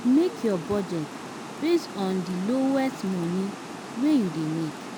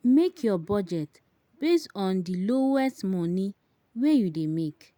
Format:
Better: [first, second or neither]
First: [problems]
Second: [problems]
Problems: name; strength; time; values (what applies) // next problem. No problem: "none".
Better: second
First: background sound (Water); 11 dB below the speech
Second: none